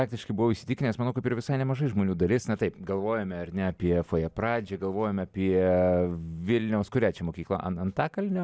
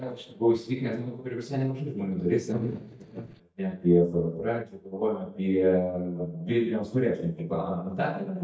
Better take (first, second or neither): first